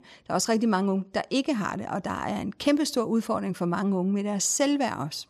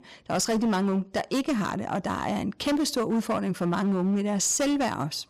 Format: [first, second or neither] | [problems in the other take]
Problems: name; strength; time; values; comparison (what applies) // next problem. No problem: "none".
first | distortion; slight; 14% of the sound clipped